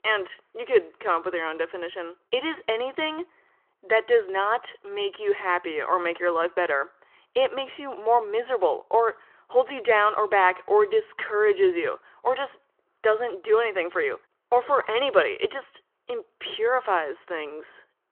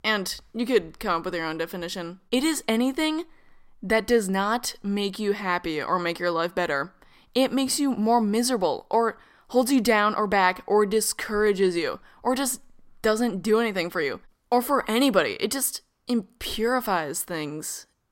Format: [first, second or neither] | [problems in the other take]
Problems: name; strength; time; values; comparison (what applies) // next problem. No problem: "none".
second | phone-call audio